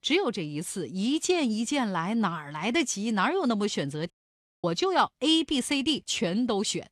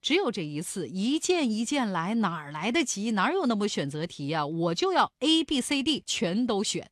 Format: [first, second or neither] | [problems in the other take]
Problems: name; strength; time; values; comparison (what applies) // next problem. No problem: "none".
second | audio cutting out; at 4 s for 0.5 s